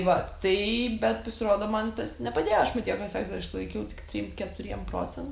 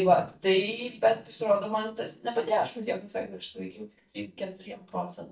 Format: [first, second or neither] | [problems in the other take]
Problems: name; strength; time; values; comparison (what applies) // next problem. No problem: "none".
first | noise reduction (neural mask model DeepFilterNet 3)